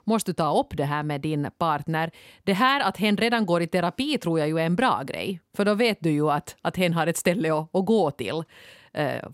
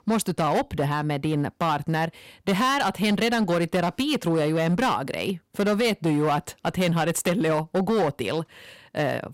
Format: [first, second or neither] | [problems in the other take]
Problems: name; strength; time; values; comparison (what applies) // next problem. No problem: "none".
first | distortion; slight; 12% of the sound clipped